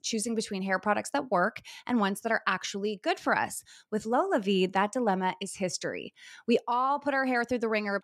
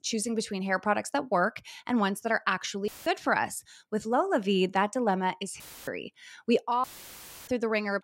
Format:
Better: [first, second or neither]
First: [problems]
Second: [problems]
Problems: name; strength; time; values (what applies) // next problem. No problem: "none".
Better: first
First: none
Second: audio cutting out; filled with static; at 3 s, at 5.5 s and at 7 s for 0.5 s